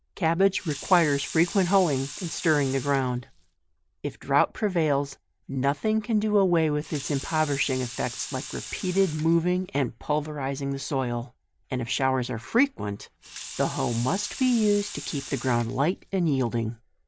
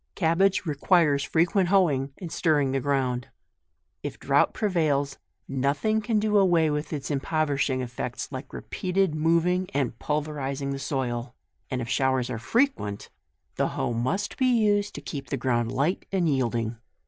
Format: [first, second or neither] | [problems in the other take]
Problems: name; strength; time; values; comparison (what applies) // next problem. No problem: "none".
second | background sound (Sink (filling or washing) / Water tap, faucet); 13 dB below the speech